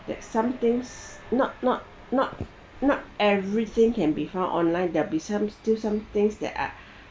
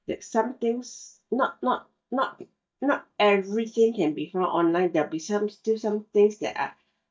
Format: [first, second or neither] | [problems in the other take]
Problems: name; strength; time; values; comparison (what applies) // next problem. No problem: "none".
first | noise reduction (neural mask model DeepFilterNet 3)